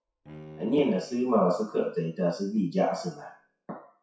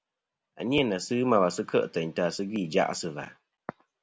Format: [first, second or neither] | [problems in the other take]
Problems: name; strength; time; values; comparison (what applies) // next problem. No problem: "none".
second | noise reduction (classical method WPE with log-MMSE)